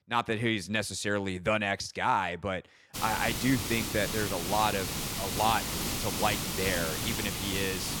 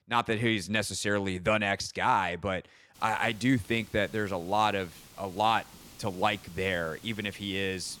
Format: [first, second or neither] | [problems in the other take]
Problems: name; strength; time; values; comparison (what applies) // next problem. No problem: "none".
second | hiss; loud; from 3 s on; 2 dB below the speech; faint in the second